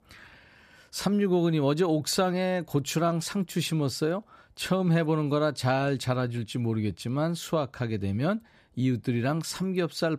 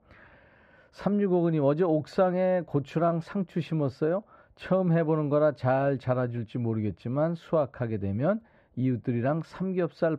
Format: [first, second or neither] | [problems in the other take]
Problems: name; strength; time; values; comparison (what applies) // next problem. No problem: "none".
first | muffled; very; fading above 4 kHz